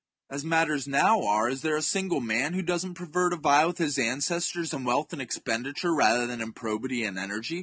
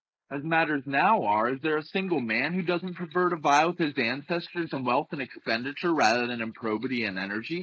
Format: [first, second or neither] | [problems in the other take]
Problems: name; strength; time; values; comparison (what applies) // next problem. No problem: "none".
first | noise reduction (neural mask model Resemble Enhance denoiser)